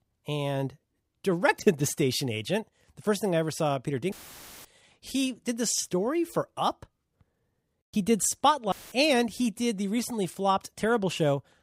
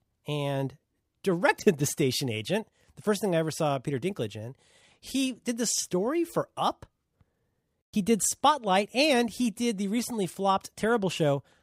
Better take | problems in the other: second | audio cutting out; filled with static; at 4 s for 0.5 s and at 8.5 s

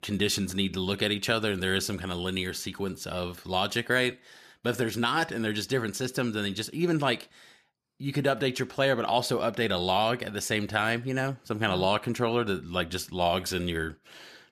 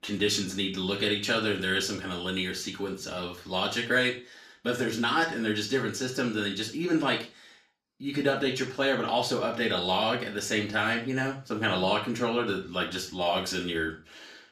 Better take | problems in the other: first | room echo; slight; dies away in 0.3 s // off-mic speech; far

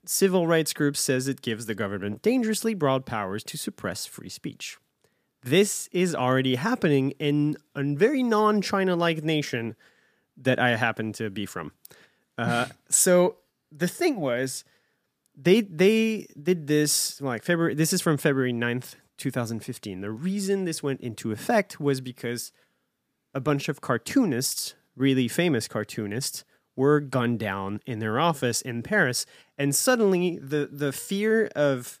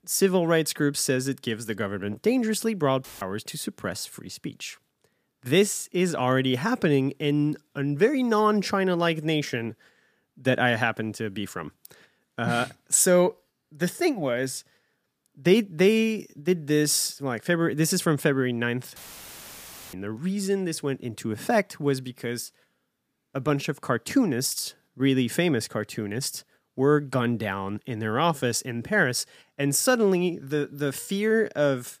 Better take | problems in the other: first | audio cutting out; filled with static; at 3 s and at 19 s for 1 s

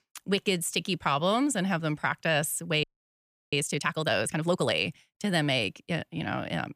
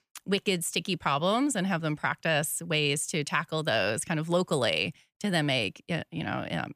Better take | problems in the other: second | audio freezing; at 3 s for 0.5 s

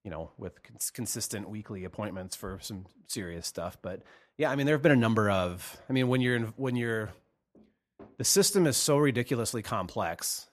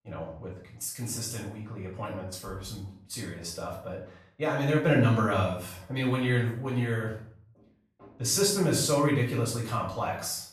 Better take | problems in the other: first | off-mic speech; far // room echo; noticeable; dies away in 0.5 s

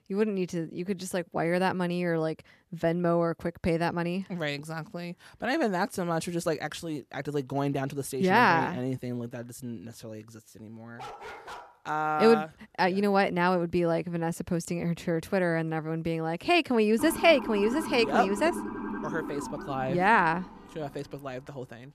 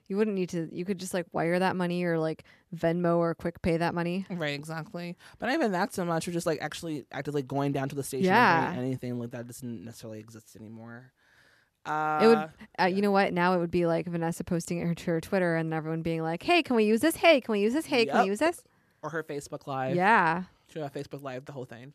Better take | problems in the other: second | dog barking; faint; at 11 s; peak 15 dB below the speech // siren; noticeable; from 17 to 21 s; peak 7 dB below the speech

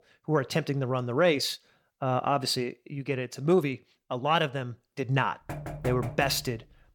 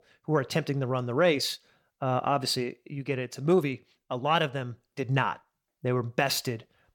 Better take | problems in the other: second | door banging; noticeable; from 5.5 s on; peak 8 dB below the speech

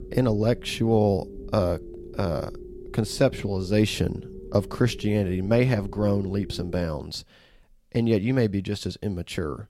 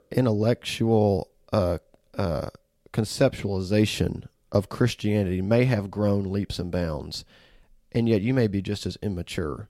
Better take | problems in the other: second | low rumble; noticeable; until 7 s; 15 dB below the speech

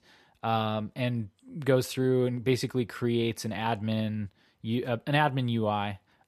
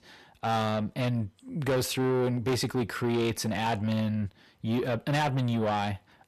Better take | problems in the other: first | distortion; heavy; 7 dB below the speech

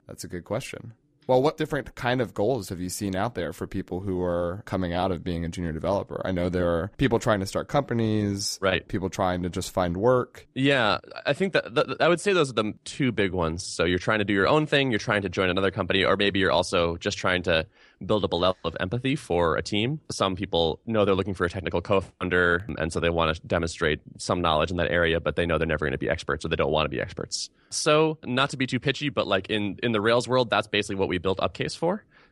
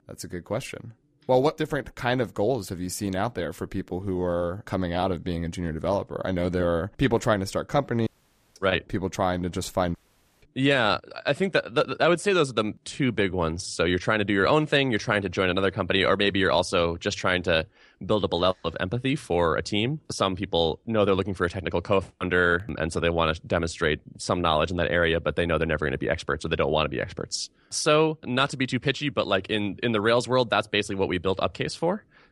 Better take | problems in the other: first | audio cutting out; at 8 s and at 10 s

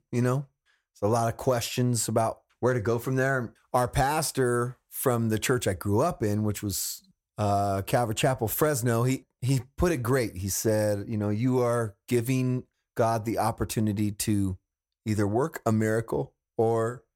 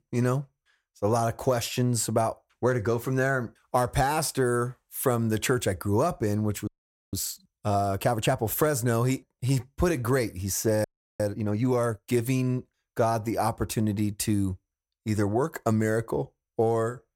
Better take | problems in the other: first | audio freezing; at 6.5 s and at 11 s

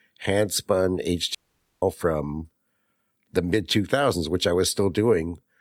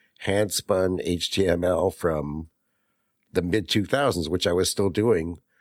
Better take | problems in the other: second | audio cutting out; at 1.5 s

